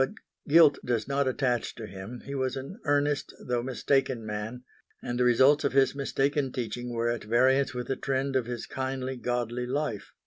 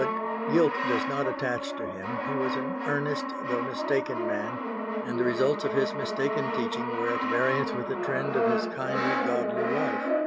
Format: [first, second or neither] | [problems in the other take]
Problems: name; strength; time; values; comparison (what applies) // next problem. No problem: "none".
first | background sound (Brass instrument); 1 dB above the speech